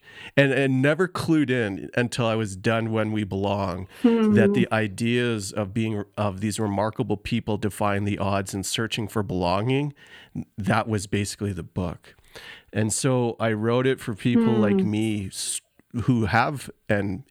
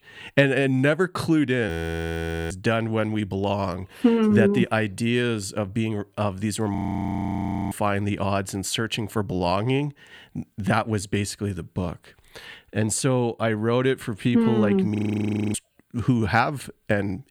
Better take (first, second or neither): first